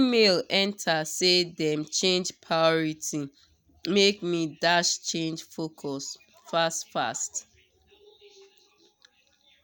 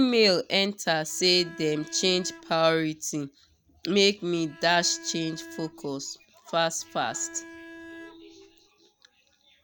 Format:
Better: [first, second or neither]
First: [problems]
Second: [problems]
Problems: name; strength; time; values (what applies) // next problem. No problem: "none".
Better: first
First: none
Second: background sound (Bowed string instrument); 18 dB below the speech